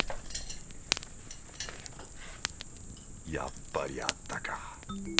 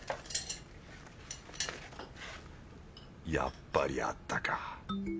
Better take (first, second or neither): second